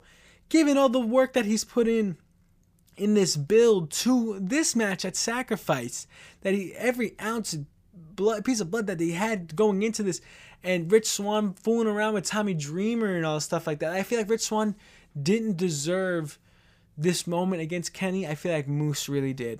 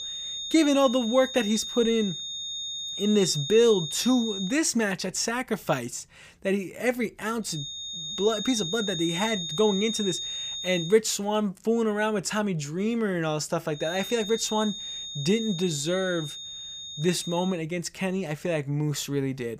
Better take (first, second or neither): first